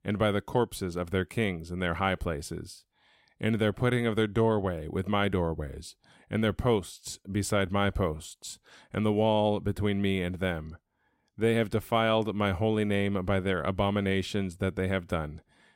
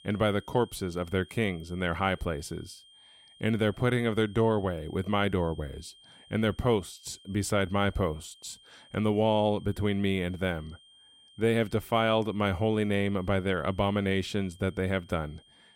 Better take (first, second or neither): first